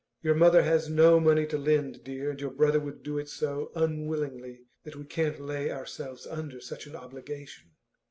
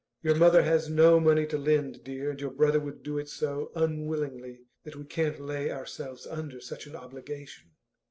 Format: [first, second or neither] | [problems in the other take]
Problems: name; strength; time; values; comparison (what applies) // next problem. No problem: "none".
first | noise reduction (neural separator model SepFormer DNS4)